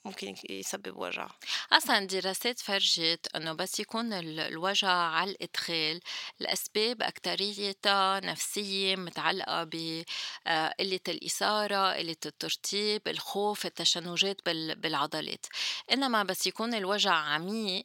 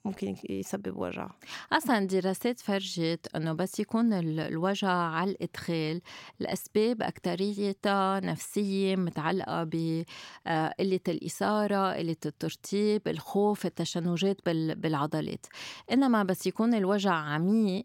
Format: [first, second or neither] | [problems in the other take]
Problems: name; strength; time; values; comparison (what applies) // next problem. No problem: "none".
second | thin; somewhat; fading below 1 kHz